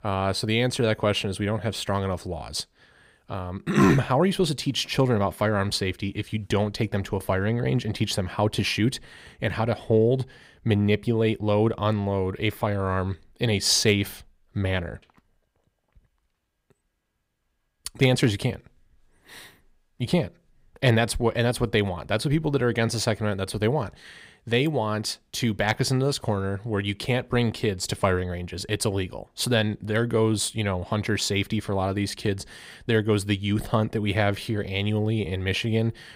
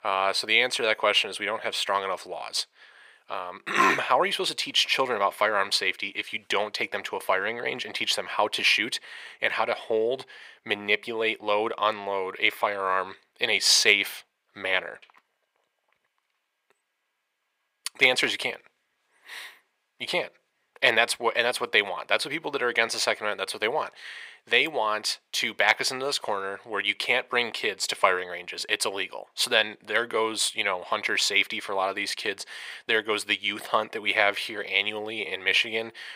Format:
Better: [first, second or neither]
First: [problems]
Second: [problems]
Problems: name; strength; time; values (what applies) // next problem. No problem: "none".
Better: first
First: none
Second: thin; very; fading below 600 Hz